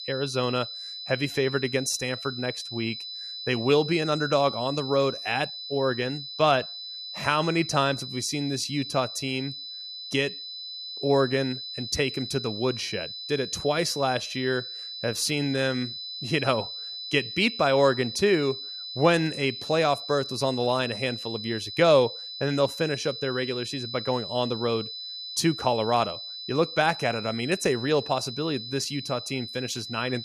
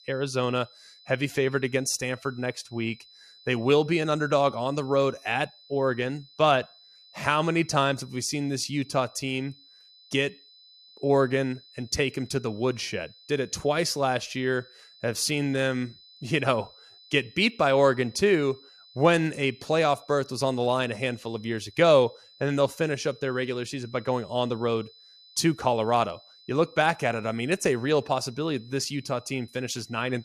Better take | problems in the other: second | high-pitched whine; loud; throughout; 4 kHz, 8 dB below the speech; faint in the second

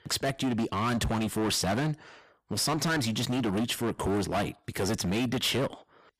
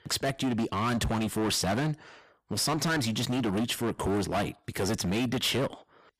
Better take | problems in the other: neither | distortion; heavy; 22% of the sound clipped; the same in both

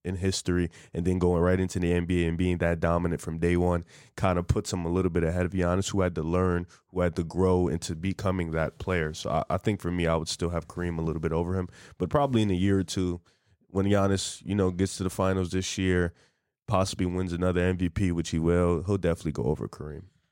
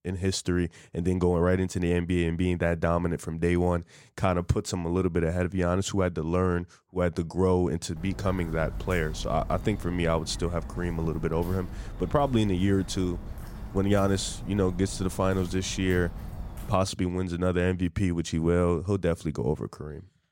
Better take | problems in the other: first | footsteps; faint; from 8 to 17 s; peak 10 dB below the speech

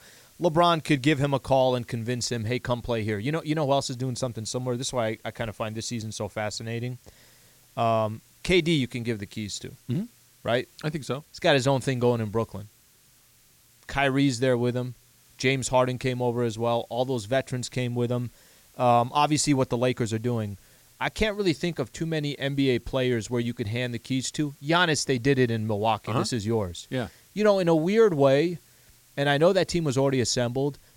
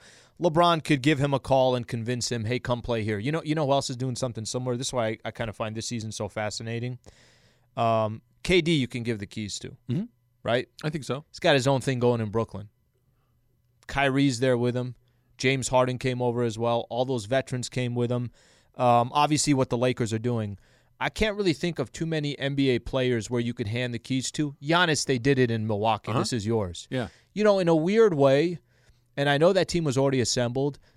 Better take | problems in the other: second | hiss; faint; throughout; 30 dB below the speech

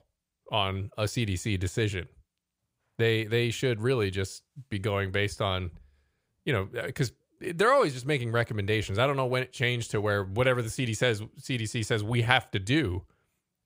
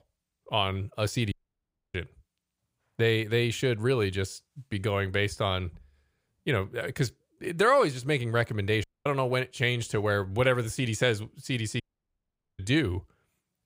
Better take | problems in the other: first | audio cutting out; at 1.5 s for 0.5 s, at 9 s and at 12 s for 1 s

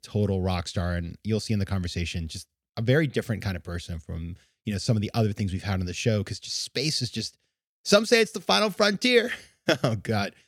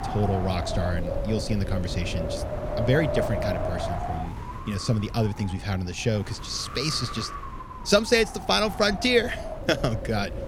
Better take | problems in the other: first | wind noise on the microphone; heavy; 6 dB below the speech

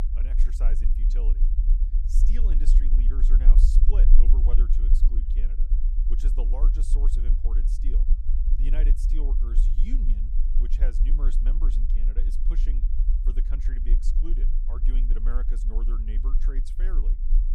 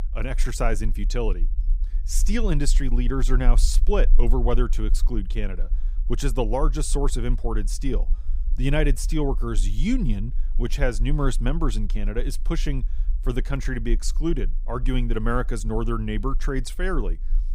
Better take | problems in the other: second | low rumble; loud; throughout; 3 dB below the speech; faint in the second

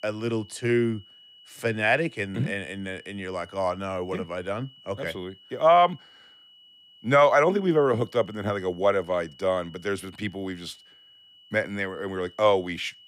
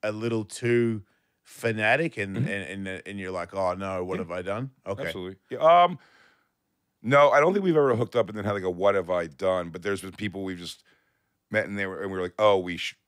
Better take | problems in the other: second | high-pitched whine; faint; throughout; 3 kHz, 25 dB below the speech

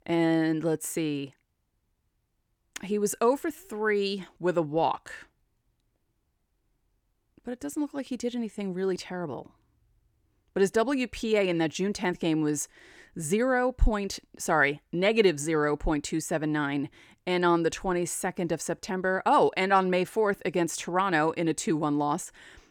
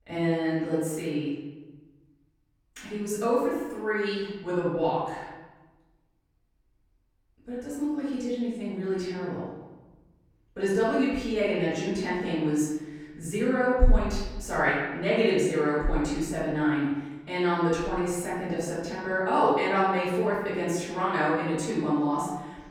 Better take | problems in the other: first | off-mic speech; far // room echo; strong; dies away in 1.1 s

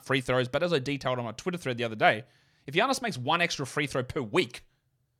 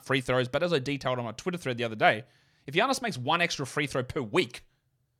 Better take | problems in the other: neither | none

